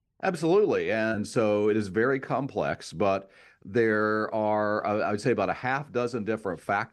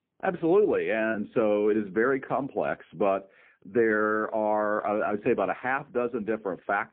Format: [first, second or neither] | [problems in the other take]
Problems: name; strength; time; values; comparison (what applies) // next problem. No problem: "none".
first | phone-call audio; poor line